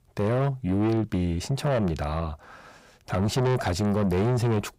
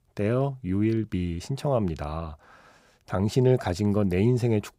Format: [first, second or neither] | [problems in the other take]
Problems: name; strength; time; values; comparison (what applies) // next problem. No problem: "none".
second | distortion; heavy; 6 dB below the speech